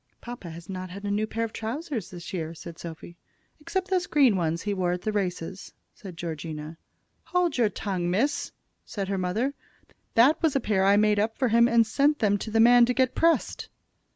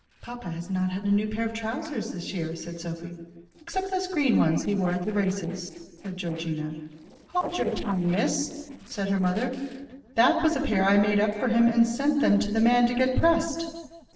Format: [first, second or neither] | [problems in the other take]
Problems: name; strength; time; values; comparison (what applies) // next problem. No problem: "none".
first | noise reduction (neural separator model SepFormer DNS4)